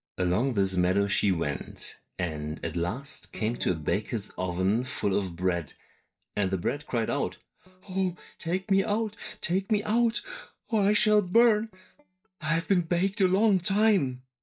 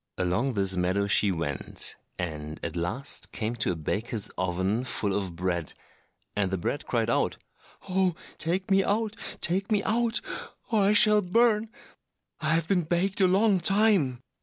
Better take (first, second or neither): second